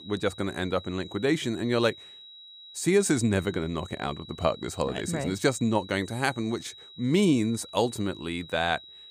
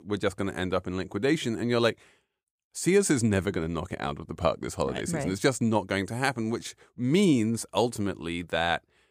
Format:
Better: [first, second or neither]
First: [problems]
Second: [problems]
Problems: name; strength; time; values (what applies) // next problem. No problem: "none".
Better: second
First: high-pitched whine; noticeable; throughout; 4 kHz, 15 dB below the speech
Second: none